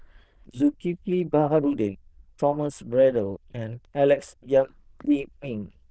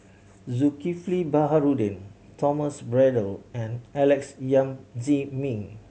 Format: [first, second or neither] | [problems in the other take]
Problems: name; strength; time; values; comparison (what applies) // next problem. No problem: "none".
second | noise reduction (neural diffusion model UNIVERSE++)